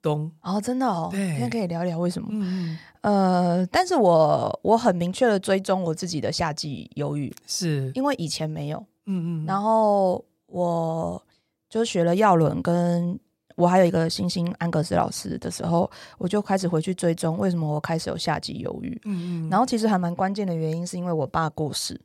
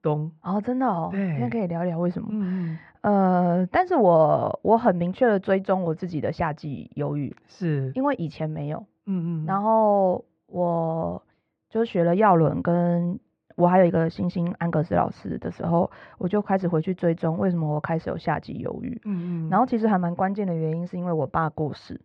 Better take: first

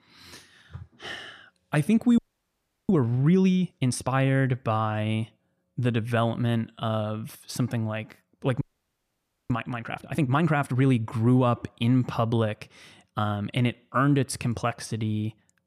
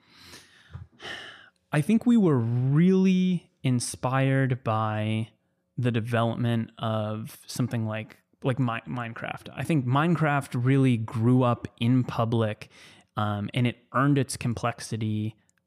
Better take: second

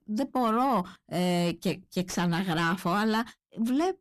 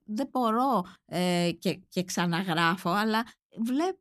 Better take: second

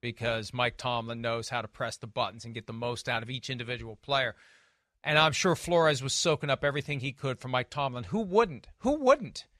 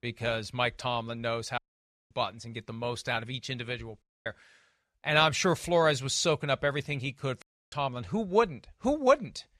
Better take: first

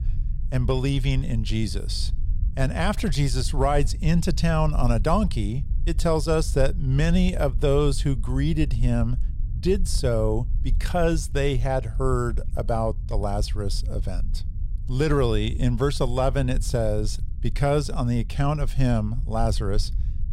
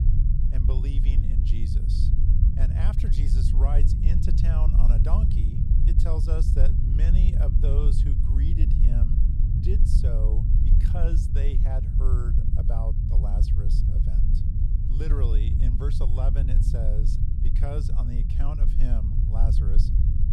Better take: first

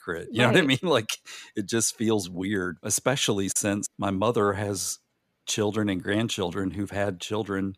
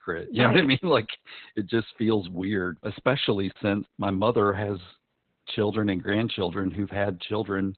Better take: first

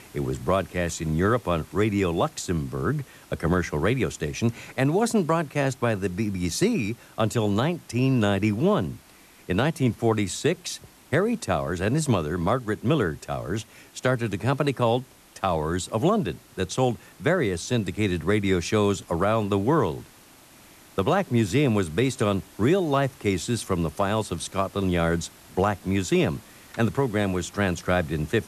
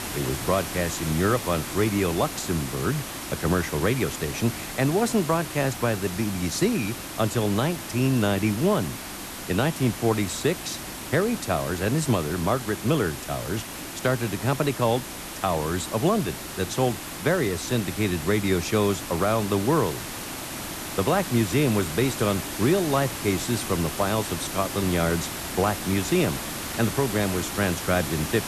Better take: first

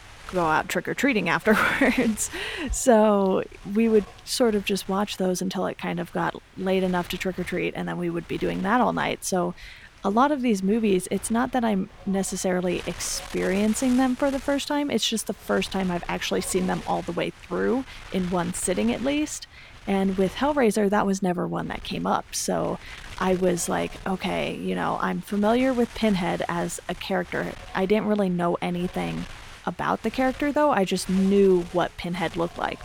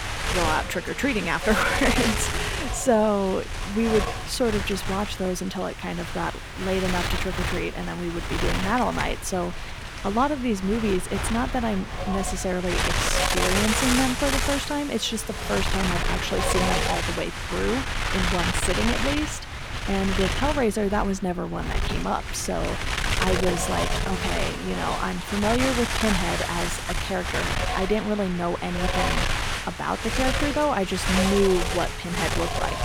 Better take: first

